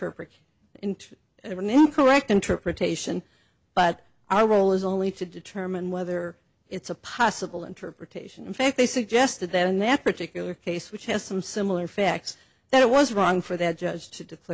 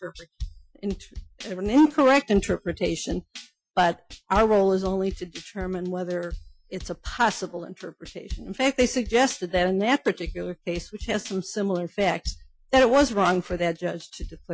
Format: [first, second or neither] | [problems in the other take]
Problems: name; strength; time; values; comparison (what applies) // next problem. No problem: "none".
first | noise reduction (classical method Wiener filter)